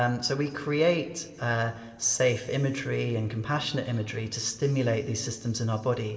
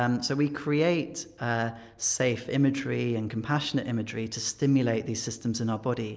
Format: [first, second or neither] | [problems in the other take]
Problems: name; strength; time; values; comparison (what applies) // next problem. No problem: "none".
second | room echo; dies away in 1.8 s